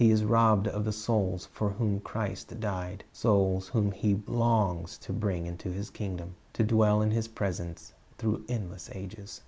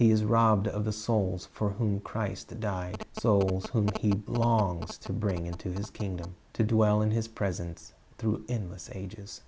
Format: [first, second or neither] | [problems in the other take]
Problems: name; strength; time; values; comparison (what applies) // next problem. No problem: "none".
first | background sound (Telephone); 14 dB below the speech